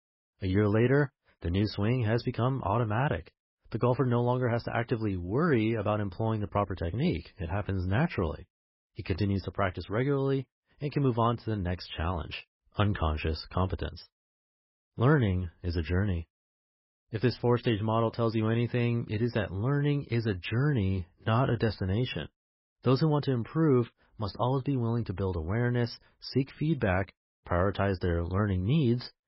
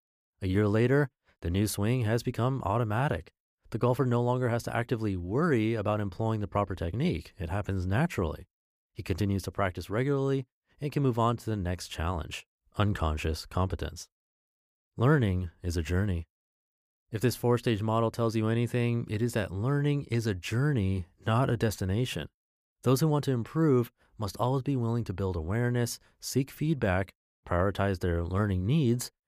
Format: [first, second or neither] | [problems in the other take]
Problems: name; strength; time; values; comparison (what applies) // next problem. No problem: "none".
second | garbled, watery; badly; nothing above 5.5 kHz